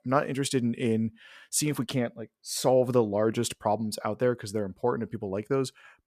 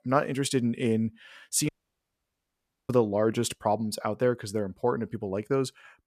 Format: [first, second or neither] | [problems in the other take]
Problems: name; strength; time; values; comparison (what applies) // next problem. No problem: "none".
first | audio cutting out; at 1.5 s for 1 s